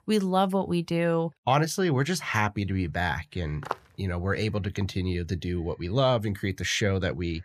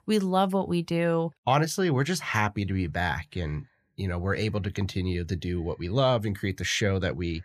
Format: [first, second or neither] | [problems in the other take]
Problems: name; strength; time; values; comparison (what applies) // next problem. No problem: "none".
second | footsteps; noticeable; at 3.5 s; peak 9 dB below the speech